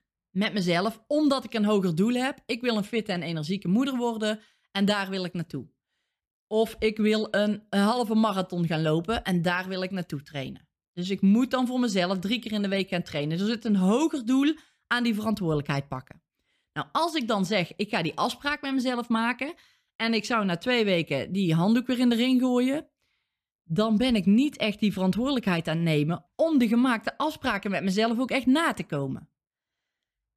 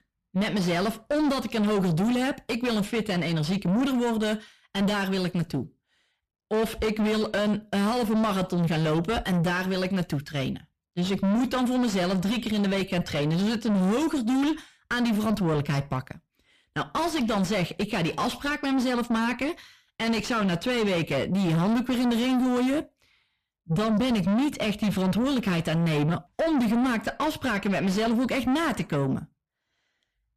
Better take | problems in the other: first | distortion; heavy; 6 dB below the speech

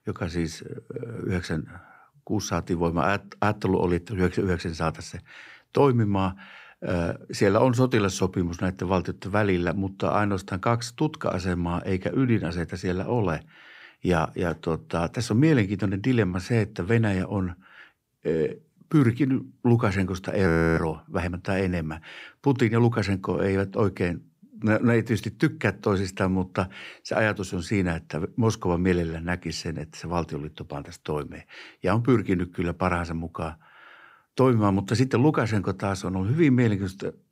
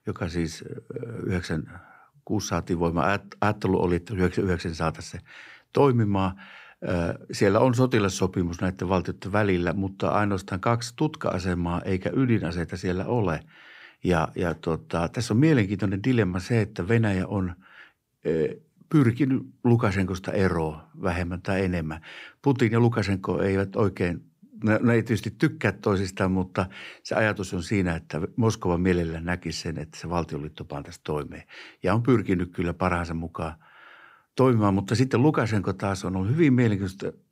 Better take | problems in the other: second | audio freezing; at 20 s

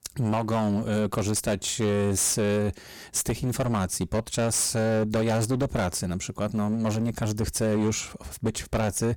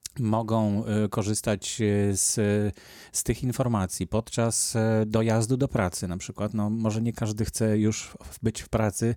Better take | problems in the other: second | distortion; heavy; 18% of the sound clipped

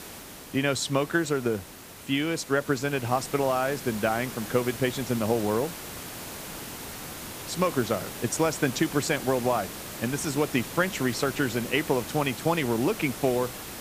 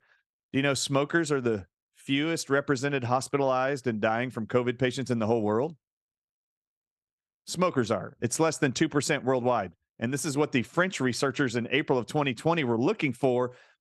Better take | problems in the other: second | hiss; noticeable; throughout; 10 dB below the speech

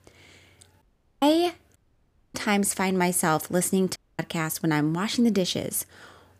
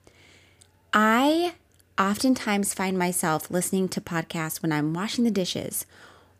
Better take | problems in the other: second | audio cutting out; at 1 s, at 2 s for 0.5 s and at 4 s

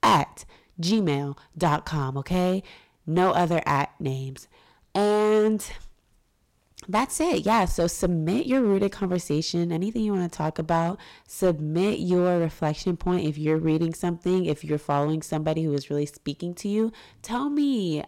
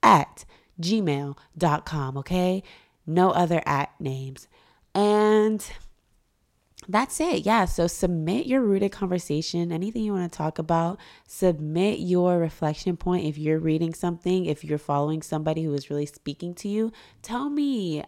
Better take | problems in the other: second | distortion; slight; 4% of the sound clipped

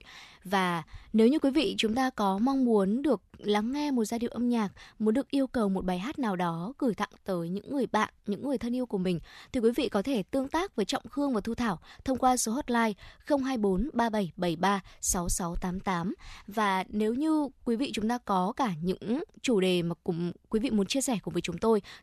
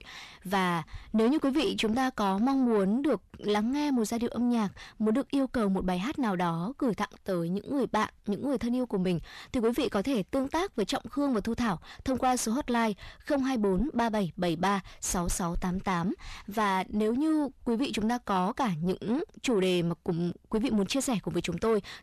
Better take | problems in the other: first | distortion; slight; 10 dB below the speech

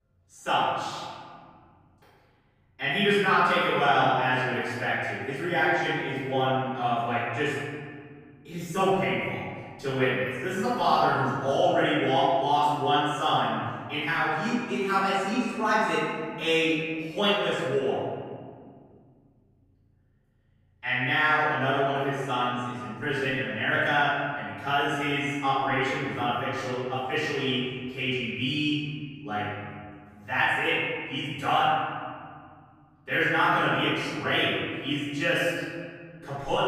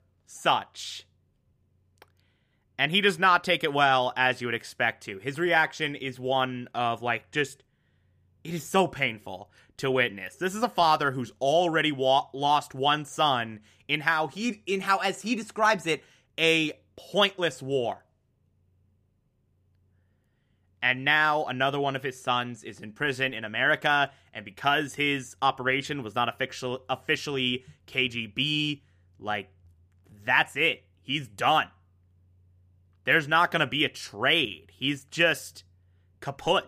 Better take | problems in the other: second | off-mic speech; far // room echo; strong; dies away in 2 s

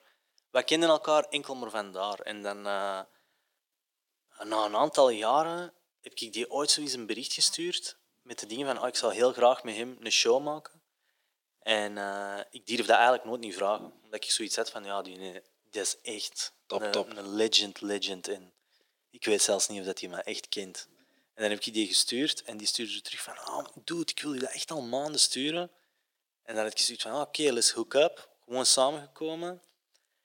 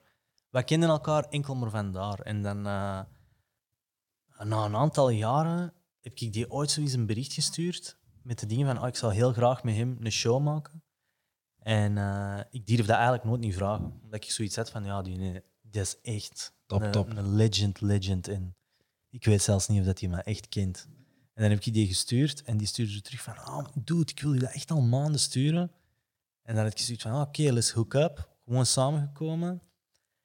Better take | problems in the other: second | thin; very; fading below 300 Hz

